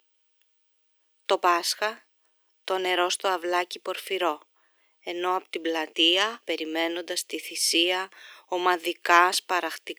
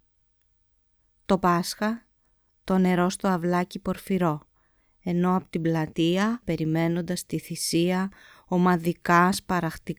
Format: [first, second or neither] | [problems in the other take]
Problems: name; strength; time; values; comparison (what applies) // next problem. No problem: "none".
second | thin; very; fading below 350 Hz